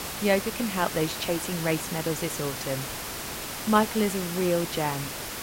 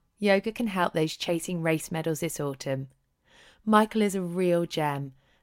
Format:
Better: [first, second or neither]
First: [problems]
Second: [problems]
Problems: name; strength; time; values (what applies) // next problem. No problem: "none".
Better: second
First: hiss; loud; throughout; 5 dB below the speech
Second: none